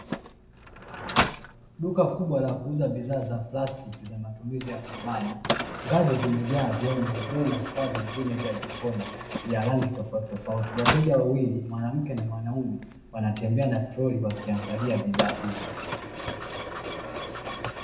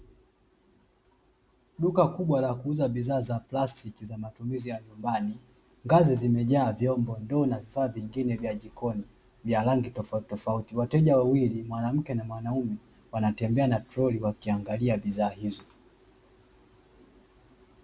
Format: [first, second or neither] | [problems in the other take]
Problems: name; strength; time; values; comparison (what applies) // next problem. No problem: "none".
second | background sound (Mechanisms); 6 dB below the speech // room echo; dies away in 0.8 s